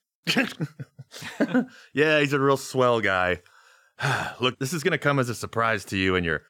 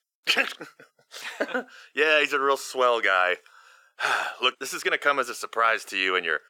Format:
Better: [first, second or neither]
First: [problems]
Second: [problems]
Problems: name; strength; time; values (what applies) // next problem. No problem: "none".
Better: first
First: none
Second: thin; very; fading below 450 Hz